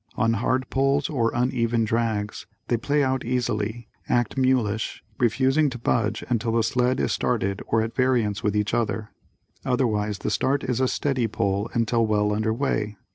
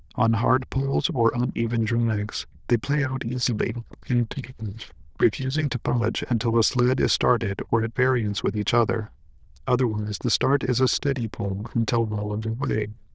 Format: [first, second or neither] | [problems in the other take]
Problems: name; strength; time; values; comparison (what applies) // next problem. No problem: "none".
first | noise reduction (neural diffusion model UNIVERSE++)